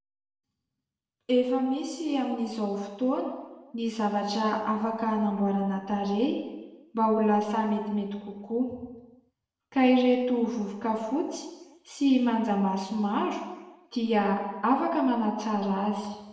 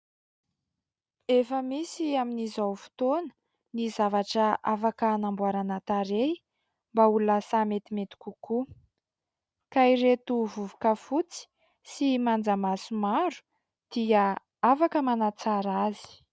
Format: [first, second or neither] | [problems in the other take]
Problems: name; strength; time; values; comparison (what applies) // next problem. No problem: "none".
second | room echo; dies away in 0.9 s